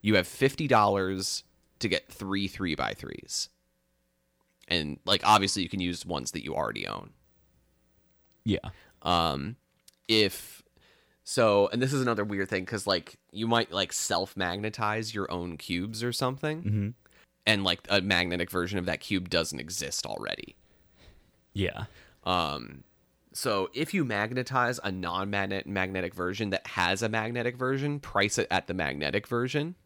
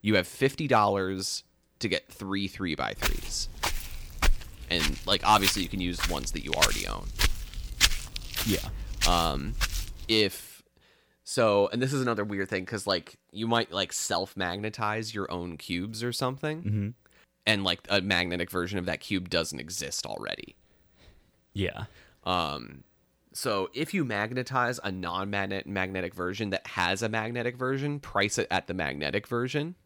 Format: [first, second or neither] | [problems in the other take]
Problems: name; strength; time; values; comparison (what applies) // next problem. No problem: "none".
first | footsteps; loud; from 3 to 10 s; peak 5 dB above the speech